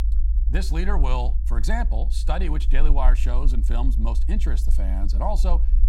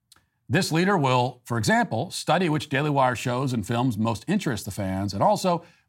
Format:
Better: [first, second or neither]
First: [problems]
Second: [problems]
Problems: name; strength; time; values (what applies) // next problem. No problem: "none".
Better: second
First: low rumble; noticeable; throughout; 15 dB below the speech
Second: none